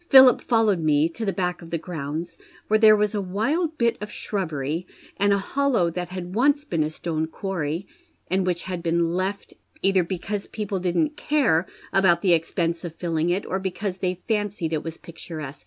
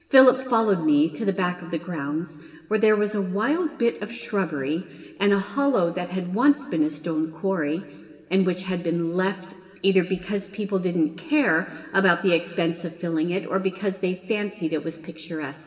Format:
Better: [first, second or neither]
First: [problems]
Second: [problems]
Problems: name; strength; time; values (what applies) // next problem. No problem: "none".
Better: first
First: none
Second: room echo; dies away in 1.8 s